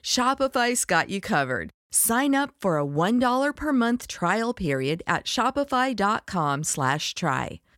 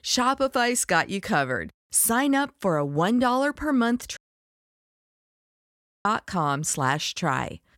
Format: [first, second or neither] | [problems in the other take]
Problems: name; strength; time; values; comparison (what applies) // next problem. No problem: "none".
first | audio cutting out; at 4 s for 2 s